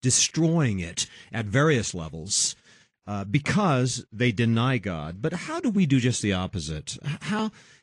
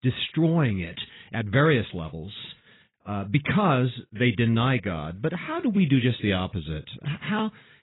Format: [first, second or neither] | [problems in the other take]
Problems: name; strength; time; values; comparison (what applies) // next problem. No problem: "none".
first | garbled, watery; badly; nothing above 4 kHz; slightly in the first